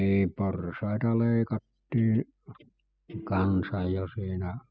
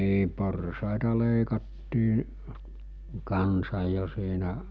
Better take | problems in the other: second | noise reduction (classical method spectral subtraction)

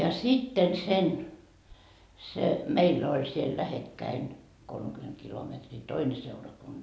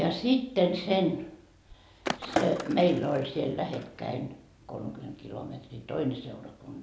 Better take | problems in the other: first | background sound (Skateboard); 6 dB below the speech

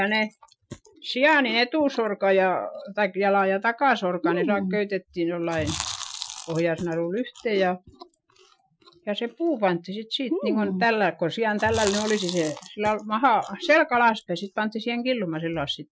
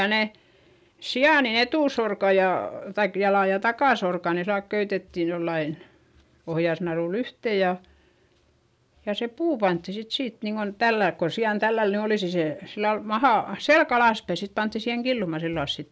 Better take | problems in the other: second | noise reduction (classical method Wiener filter)

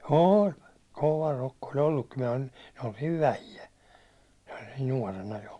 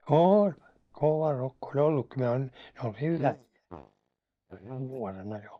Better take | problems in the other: first | noise reduction (neural mask model DeepFilterNet 3)

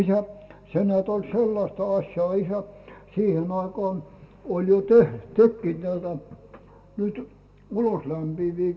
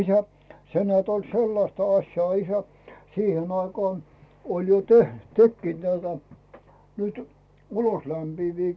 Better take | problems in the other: second | room echo; dies away in 0.9 s

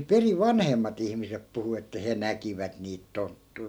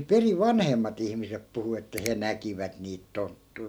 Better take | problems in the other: first | background sound (Finger snapping); 17 dB below the speech

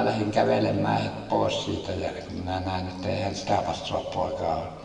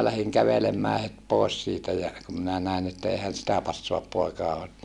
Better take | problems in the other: second | room echo; dies away in 2 s

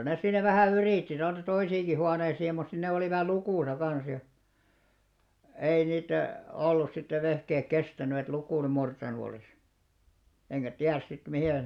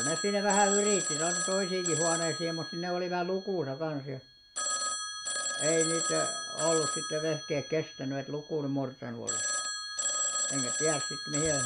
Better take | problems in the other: first | background sound (Telephone); 2 dB below the speech

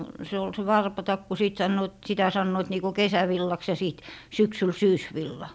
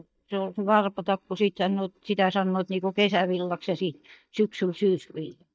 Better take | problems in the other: first | noise reduction (neural mask model DeepFilterNet 3)

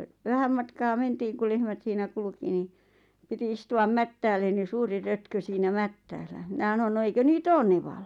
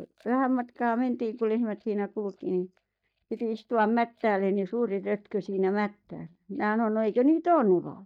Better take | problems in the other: first | noise reduction (neural mask model DeepFilterNet 3)

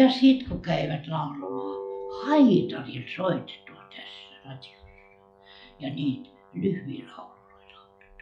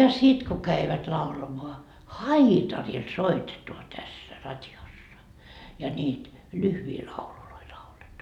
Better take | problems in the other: second | noise reduction (classical method log-MMSE)

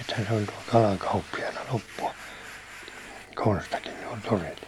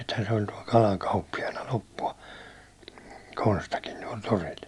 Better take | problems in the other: second | background sound (Domestic sounds, home sounds); 16 dB below the speech

